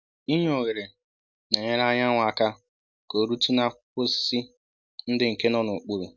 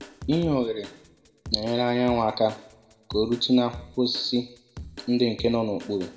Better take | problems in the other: first | background sound (Drum kit); 17 dB below the speech // room echo; dies away in 0.7 s

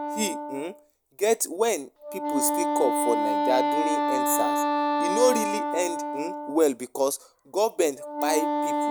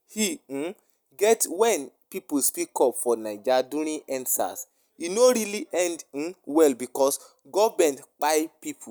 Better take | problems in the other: second | background sound (Wind instrument, woodwind instrument); as loud as the speech

